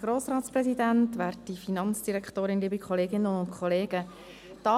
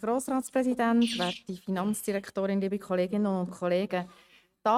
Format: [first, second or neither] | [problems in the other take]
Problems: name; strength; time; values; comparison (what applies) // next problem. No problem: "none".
first | noise reduction (neural mask model RNNoise)